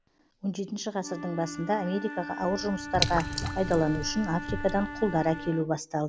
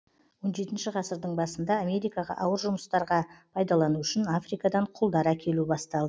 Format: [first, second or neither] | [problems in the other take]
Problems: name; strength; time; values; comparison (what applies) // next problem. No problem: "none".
second | background sound (Drip / Water + Wind instrument, woodwind instrument); 7 dB below the speech